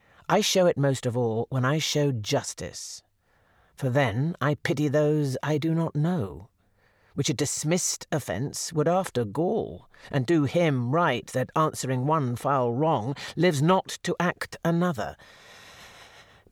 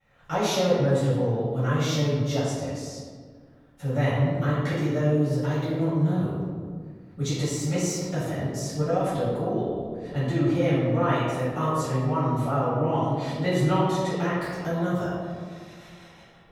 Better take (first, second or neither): first